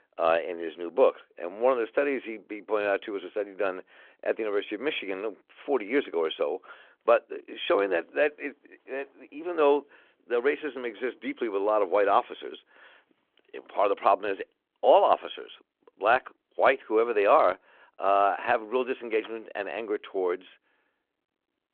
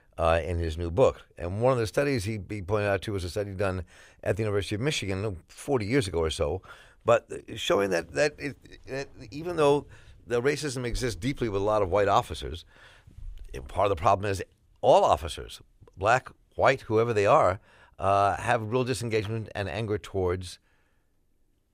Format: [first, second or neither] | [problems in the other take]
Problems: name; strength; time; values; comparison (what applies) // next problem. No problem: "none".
second | phone-call audio